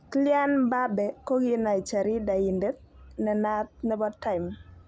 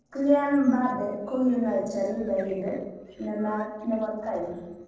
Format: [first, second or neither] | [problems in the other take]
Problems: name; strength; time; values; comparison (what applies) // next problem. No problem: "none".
first | noise reduction (neural separator model SepFormer DNS4)